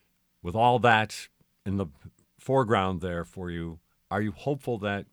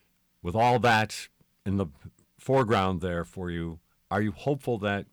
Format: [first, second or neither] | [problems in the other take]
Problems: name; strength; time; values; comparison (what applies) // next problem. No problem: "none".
first | distortion; slight; 2% of the sound clipped